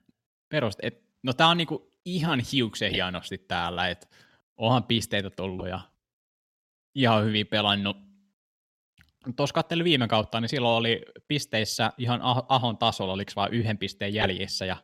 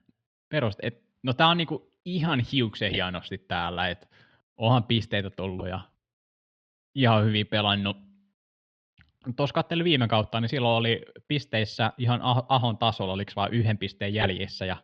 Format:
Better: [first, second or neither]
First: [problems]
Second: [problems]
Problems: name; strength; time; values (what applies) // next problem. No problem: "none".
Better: first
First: none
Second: muffled; very slightly; fading above 4 kHz